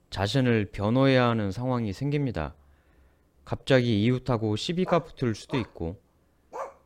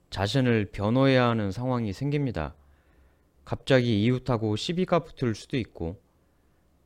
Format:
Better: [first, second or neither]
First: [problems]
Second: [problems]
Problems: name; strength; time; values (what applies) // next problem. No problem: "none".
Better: second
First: dog barking; faint; from 5 s on; peak 15 dB below the speech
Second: none